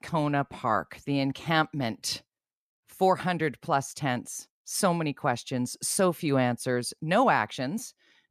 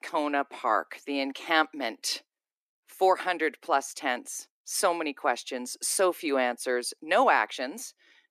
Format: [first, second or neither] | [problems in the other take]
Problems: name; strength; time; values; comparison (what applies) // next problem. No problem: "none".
first | thin; somewhat; fading below 300 Hz